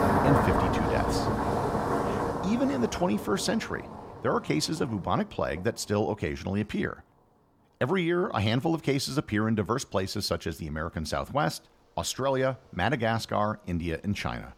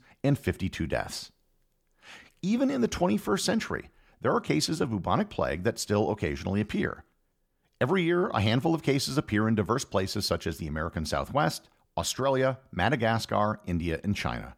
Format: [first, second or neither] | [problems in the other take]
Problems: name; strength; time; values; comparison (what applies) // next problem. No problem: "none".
second | traffic noise; very loud; throughout; as loud as the speech